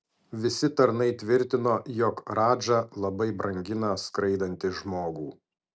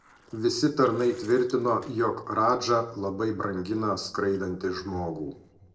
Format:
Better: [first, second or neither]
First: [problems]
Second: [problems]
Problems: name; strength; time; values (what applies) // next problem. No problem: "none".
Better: first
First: none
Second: noise reduction (neural separator model SepFormer DNS4)